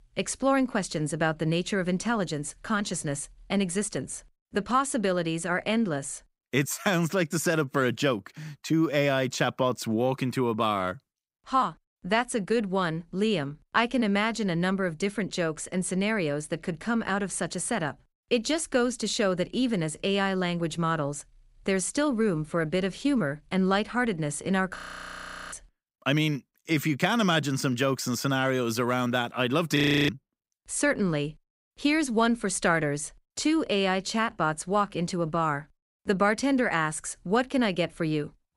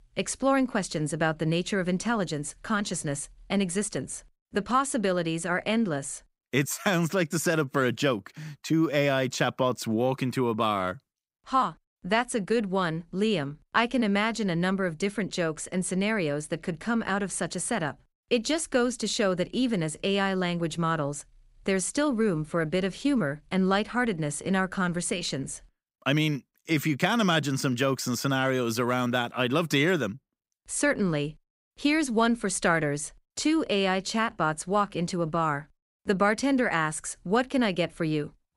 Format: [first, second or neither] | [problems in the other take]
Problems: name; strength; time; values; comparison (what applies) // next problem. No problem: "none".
second | audio freezing; at 25 s for 1 s and at 30 s